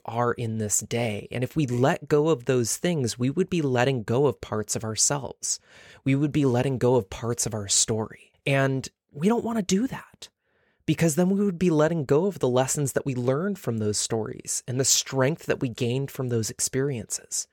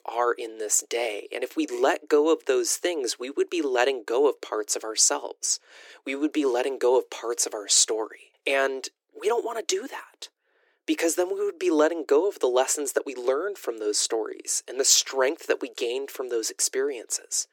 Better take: first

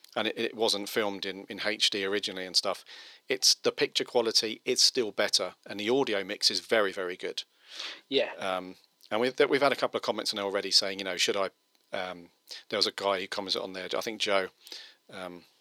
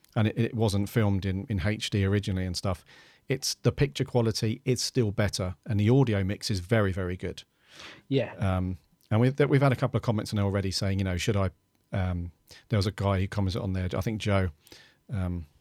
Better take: second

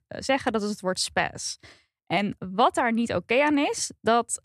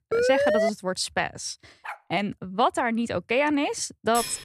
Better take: first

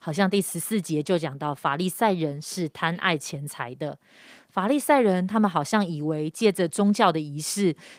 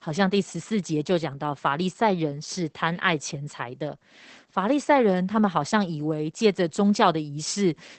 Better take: first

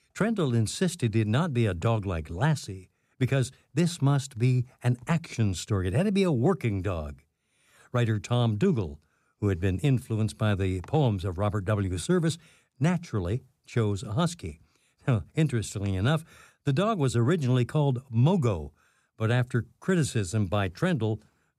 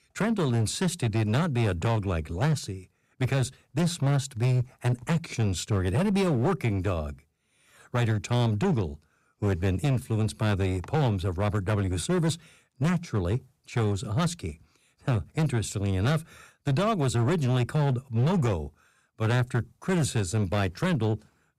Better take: first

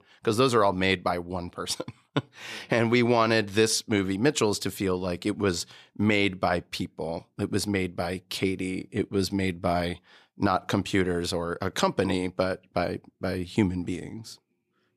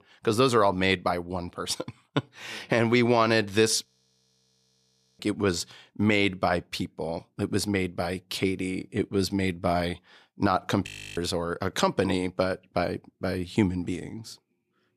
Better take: first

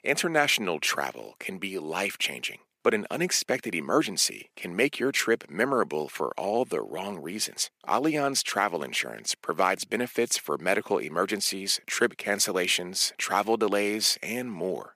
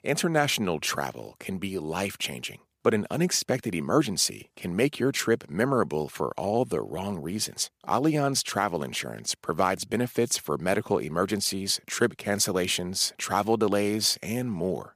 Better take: second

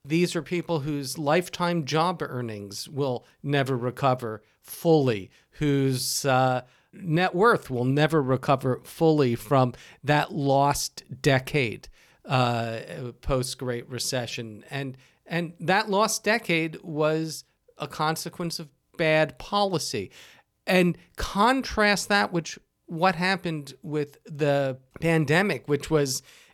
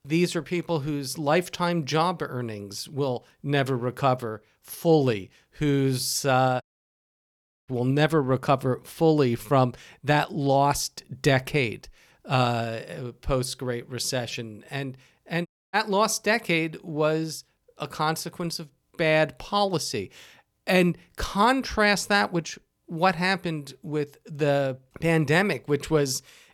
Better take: first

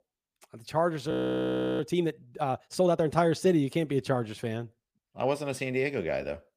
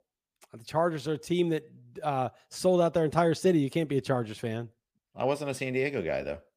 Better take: second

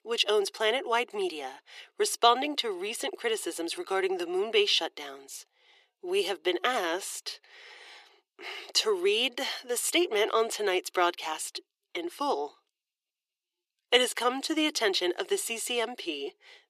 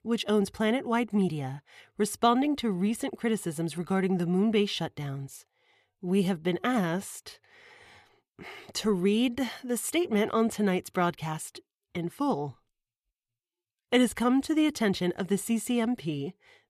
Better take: second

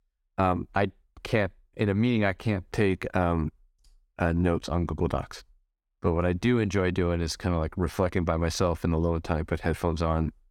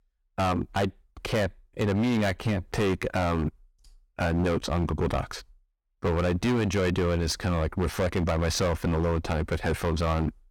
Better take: first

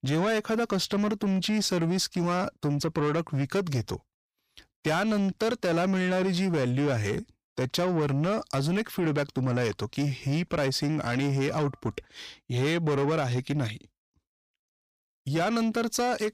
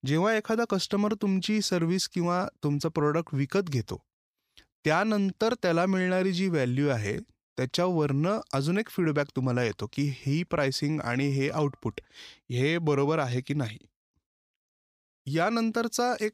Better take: second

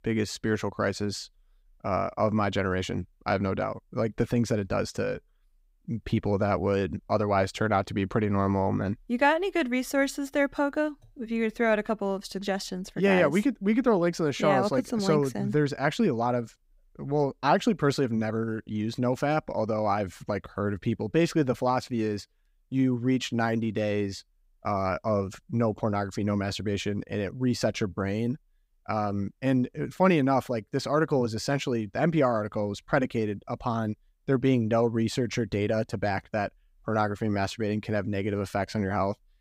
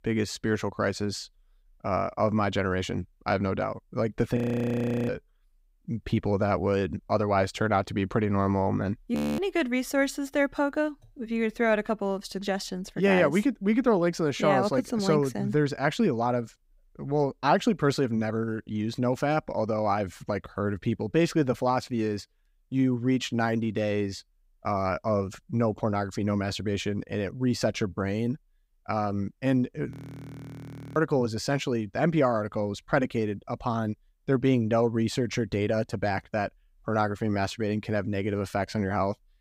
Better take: first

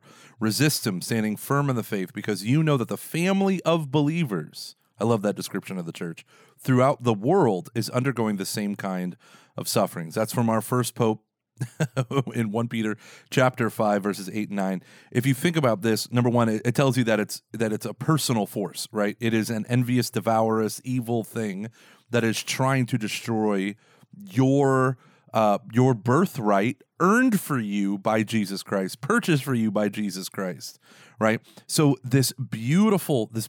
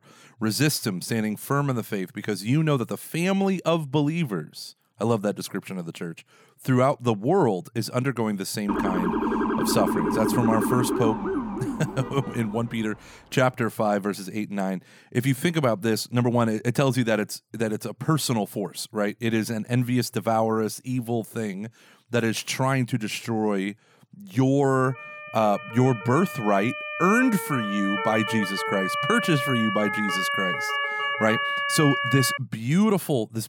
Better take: first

